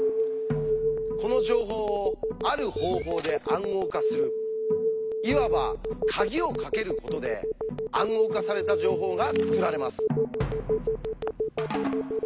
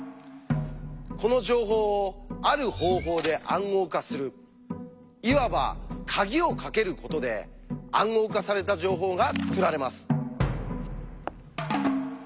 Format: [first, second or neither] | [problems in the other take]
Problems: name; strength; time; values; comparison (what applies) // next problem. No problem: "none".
second | background sound (Telephone); 2 dB above the speech